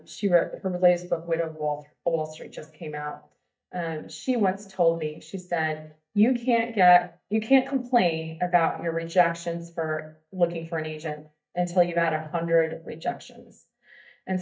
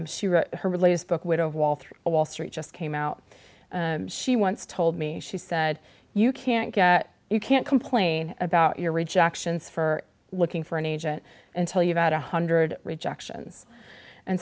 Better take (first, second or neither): second